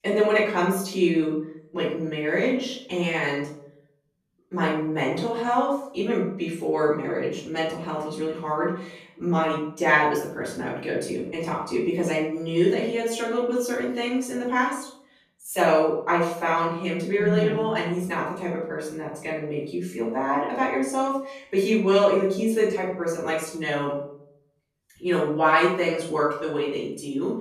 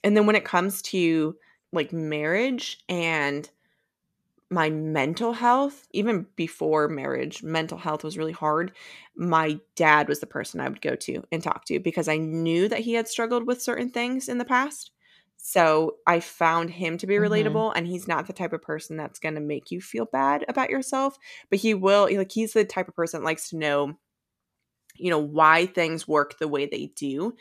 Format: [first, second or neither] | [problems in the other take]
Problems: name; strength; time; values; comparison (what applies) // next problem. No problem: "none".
second | off-mic speech; far // room echo; noticeable; dies away in 0.5 s